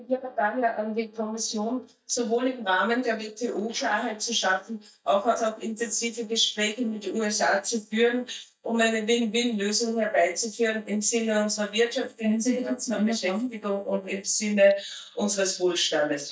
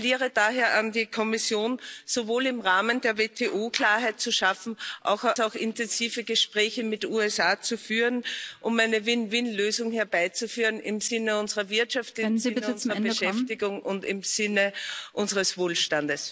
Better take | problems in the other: second | noise reduction (neural mask model DeepFilterNet 3)

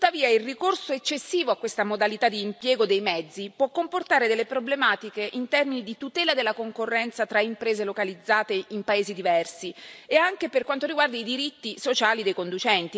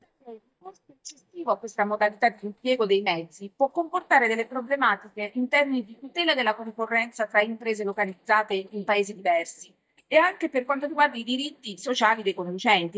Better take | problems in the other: first | noise reduction (neural mask model DeepFilterNet 3)

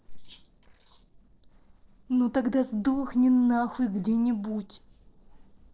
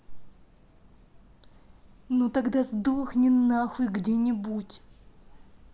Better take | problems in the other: second | noise reduction (neural separator model SepFormer DNS4)

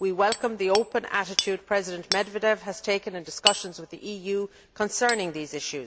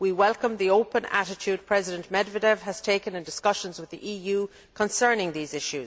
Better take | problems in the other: second | background sound (Hammer); 7 dB below the speech

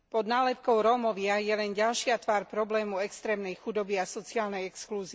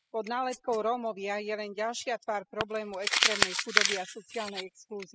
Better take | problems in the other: first | noise reduction (classical method spectral subtraction)

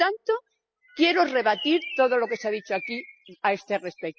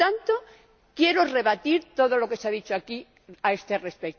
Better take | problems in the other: second | noise reduction (classical method spectral subtraction)

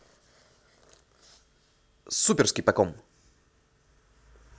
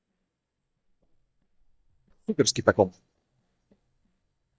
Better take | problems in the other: first | noise reduction (neural mask model DeepFilterNet 3)

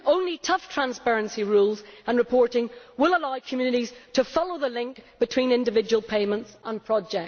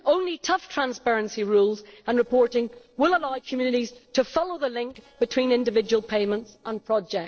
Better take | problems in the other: first | noise reduction (neural separator model SepFormer DNS4)

